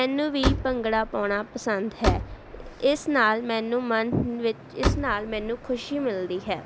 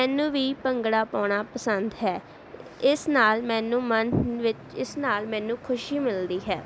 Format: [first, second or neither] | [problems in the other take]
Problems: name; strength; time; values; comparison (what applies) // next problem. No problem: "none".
second | background sound (Slam); 4 dB below the speech